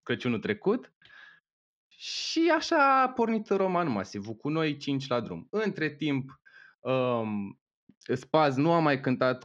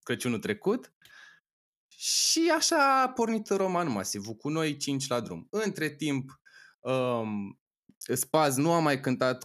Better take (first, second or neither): second